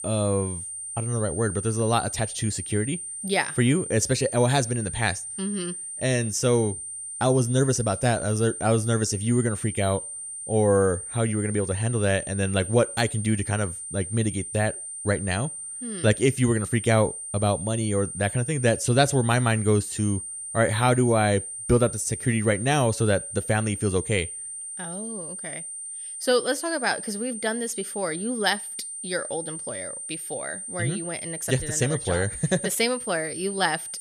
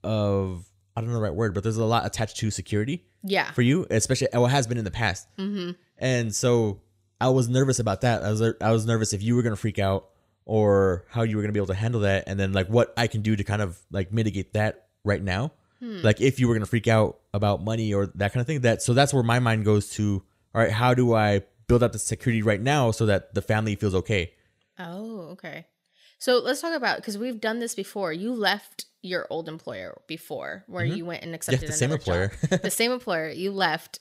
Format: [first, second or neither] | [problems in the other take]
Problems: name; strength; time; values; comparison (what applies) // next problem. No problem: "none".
second | high-pitched whine; loud; throughout; 9 kHz, 8 dB below the speech